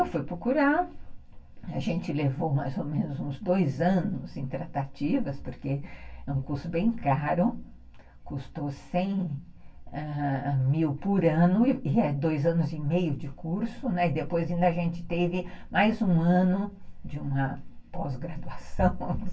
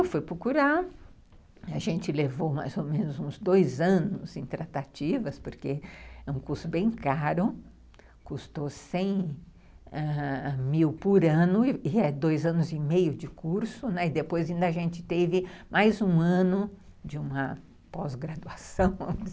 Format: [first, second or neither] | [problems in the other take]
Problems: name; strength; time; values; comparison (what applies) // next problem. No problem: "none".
second | room echo; dies away in 0.1 s